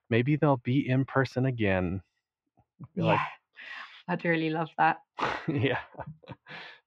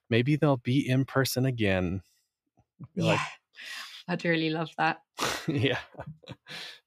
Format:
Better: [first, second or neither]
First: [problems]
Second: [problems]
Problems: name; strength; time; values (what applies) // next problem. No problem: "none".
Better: second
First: muffled; very; fading above 2 kHz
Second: none